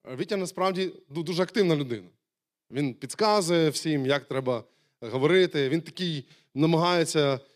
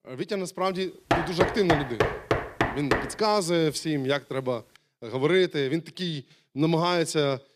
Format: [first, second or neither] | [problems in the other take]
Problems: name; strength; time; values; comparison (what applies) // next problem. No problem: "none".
first | door banging; loud; from 1 to 3 s; peak 2 dB above the speech